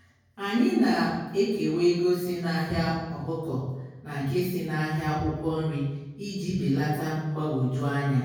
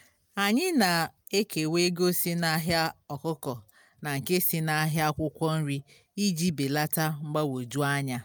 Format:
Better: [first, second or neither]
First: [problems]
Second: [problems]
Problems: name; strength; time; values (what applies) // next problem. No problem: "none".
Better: second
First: room echo; dies away in 1.3 s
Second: none